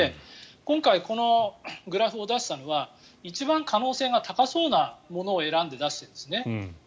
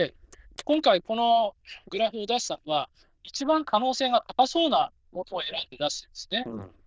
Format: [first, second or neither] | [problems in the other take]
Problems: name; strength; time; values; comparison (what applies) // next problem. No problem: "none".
first | noise reduction (neural diffusion model UNIVERSE++)